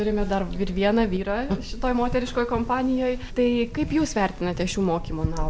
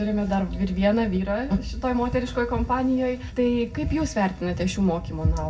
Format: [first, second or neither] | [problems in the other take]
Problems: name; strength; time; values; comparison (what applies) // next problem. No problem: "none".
first | room echo; dies away in 0.3 s